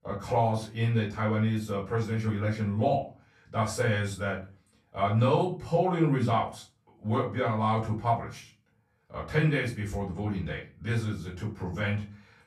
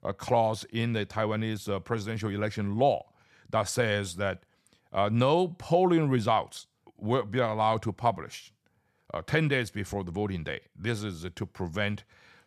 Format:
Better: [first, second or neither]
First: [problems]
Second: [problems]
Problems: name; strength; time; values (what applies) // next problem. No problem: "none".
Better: second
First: off-mic speech; far // room echo; slight; dies away in 0.3 s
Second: none